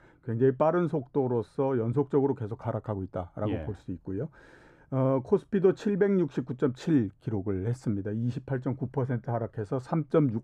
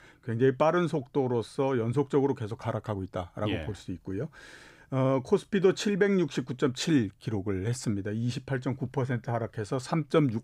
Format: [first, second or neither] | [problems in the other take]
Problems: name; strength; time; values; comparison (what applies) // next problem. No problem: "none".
second | muffled; slightly; fading above 2 kHz